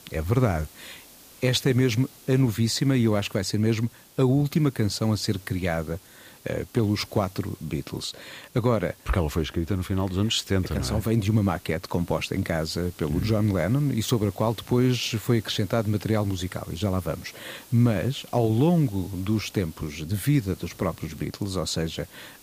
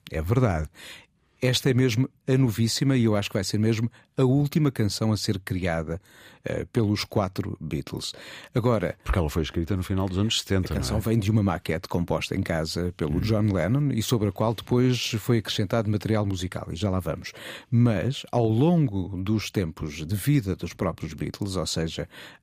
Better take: second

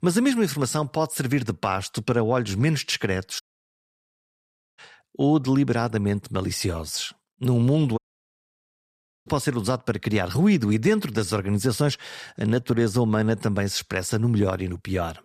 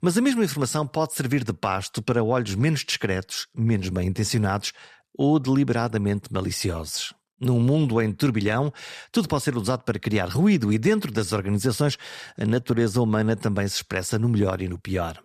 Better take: second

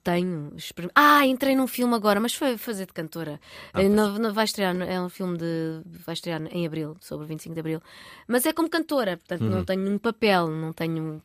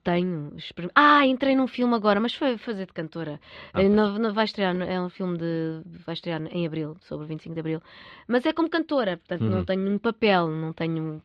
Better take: first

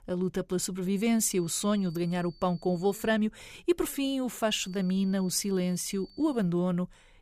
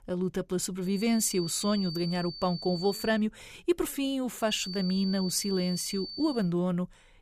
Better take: first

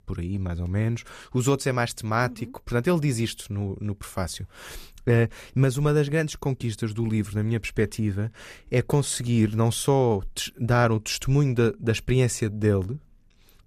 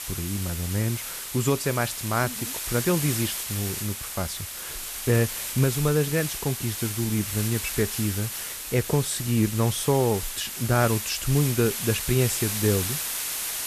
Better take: first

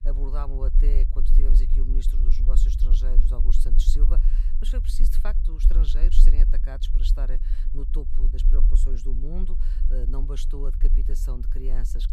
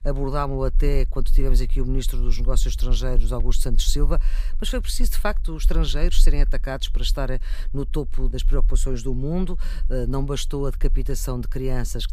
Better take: second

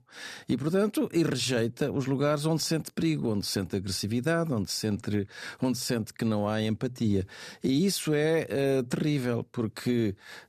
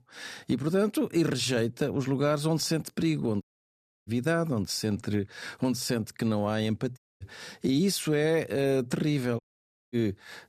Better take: first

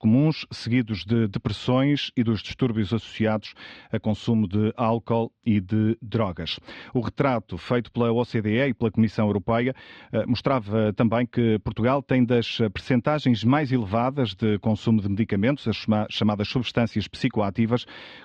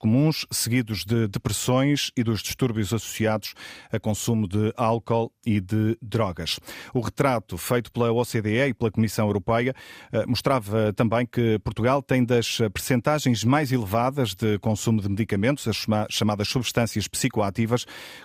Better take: second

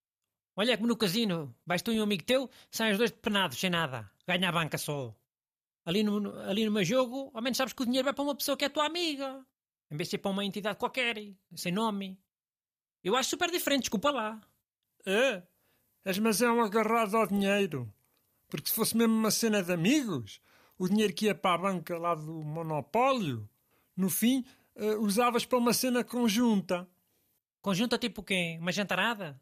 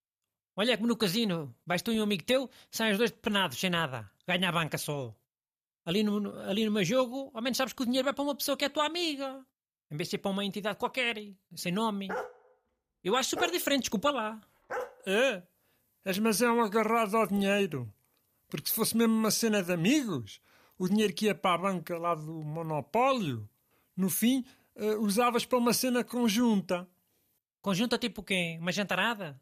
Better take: first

